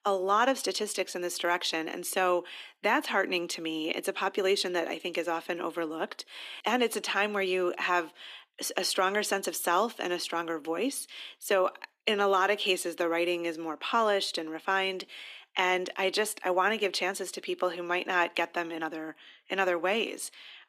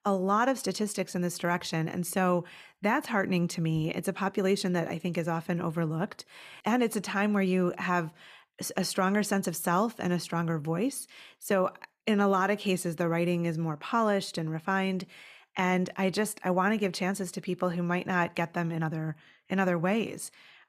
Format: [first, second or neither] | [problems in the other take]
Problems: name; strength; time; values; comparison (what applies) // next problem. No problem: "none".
second | thin; somewhat; fading below 250 Hz